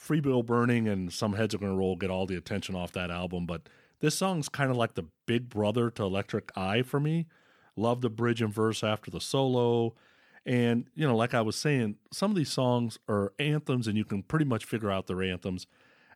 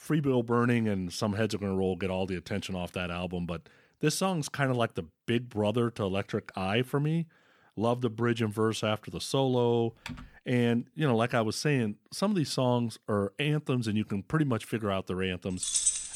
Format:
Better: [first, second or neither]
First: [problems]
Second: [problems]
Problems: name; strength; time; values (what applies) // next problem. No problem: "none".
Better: first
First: none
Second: keyboard typing; faint; at 10 s; peak 15 dB below the speech // jangling keys; loud; at 16 s; peak 4 dB above the speech